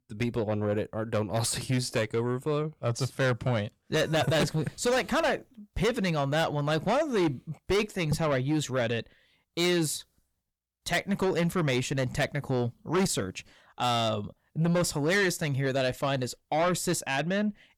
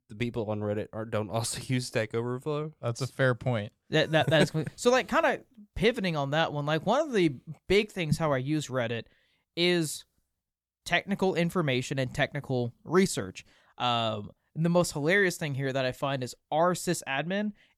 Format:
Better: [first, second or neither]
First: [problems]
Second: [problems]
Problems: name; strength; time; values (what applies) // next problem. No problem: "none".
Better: second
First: distortion; heavy; 8 dB below the speech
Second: none